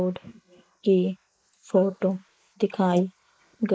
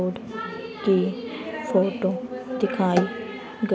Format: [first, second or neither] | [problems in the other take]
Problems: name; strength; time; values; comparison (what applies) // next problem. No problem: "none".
second | noise reduction (neural mask model Resemble Enhance denoiser)